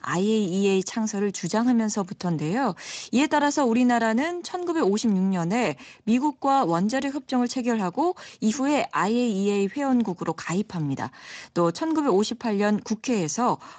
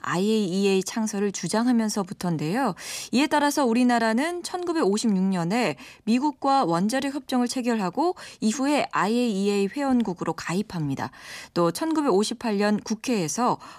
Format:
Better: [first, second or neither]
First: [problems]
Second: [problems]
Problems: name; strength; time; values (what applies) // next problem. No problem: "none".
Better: second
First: garbled, watery; slightly; nothing above 7.5 kHz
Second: none